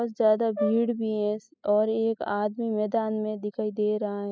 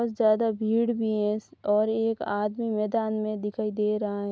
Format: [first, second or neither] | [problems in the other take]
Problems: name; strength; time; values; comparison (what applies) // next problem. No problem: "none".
second | noise reduction (classical method spectral subtraction)